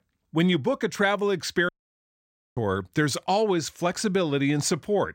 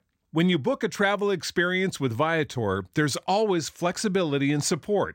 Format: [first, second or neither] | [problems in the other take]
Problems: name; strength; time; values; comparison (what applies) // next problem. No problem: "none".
second | audio cutting out; at 1.5 s for 1 s